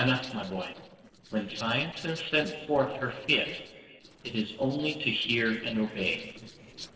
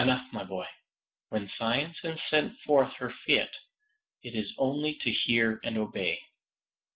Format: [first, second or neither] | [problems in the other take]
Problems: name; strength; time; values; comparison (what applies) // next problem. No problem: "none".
second | noise reduction (neural separator model SepFormer DNS4)